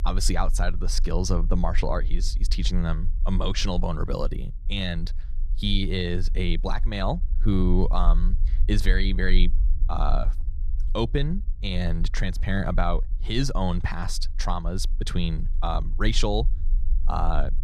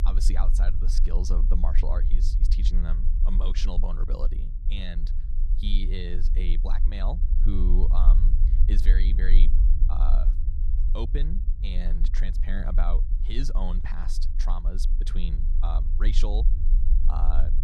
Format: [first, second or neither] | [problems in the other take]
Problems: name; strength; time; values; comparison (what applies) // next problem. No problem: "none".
first | low rumble; loud; throughout; 9 dB below the speech; faint in the first